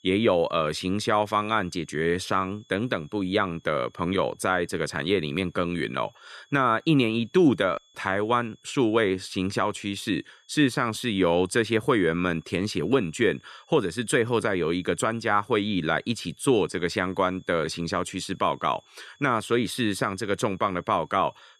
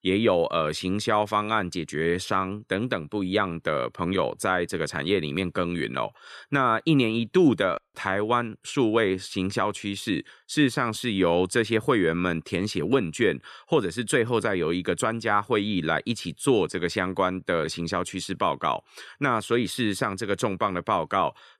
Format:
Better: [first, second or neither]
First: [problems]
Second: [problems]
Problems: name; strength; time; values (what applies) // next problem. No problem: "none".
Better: second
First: high-pitched whine; faint; throughout; 3.5 kHz, 35 dB below the speech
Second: none